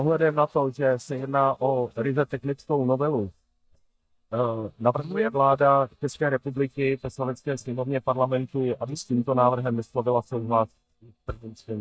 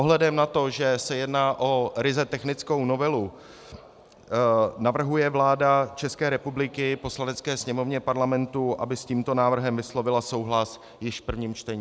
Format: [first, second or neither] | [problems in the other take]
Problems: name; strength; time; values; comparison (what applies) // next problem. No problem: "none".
second | noise reduction (neural mask model DeepFilterNet 3)